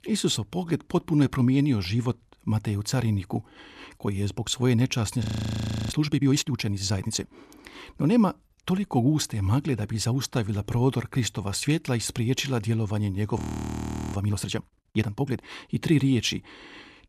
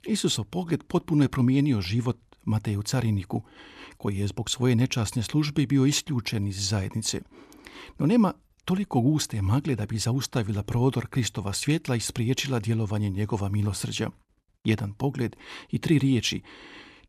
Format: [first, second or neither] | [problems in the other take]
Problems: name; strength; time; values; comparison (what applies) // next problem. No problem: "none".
second | audio freezing; at 5 s for 0.5 s and at 13 s for 1 s